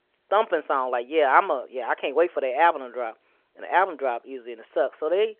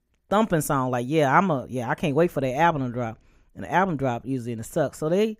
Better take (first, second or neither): second